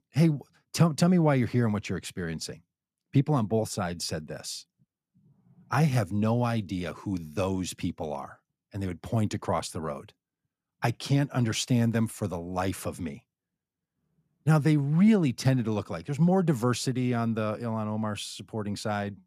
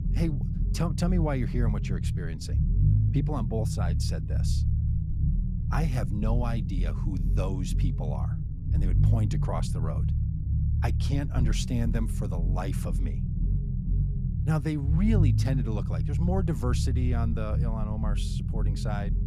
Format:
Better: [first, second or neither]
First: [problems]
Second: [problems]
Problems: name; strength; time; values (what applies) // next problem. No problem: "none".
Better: first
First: none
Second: low rumble; loud; throughout; 5 dB below the speech